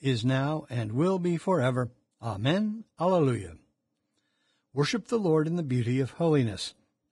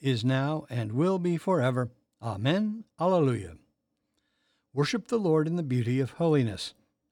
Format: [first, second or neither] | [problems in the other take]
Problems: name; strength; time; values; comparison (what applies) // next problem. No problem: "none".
second | garbled, watery; badly; nothing above 10.5 kHz